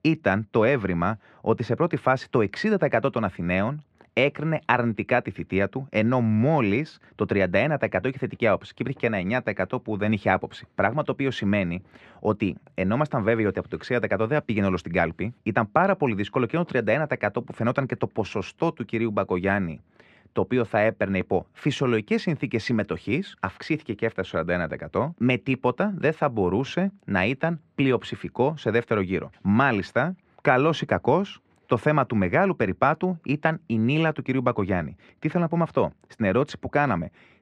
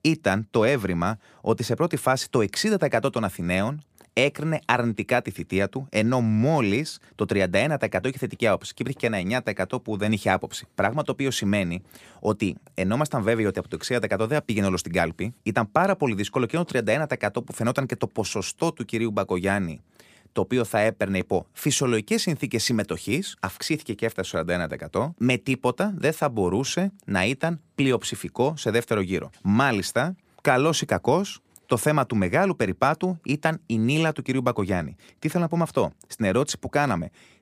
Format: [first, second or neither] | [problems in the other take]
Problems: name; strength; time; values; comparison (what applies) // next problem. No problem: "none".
second | muffled; slightly; fading above 2 kHz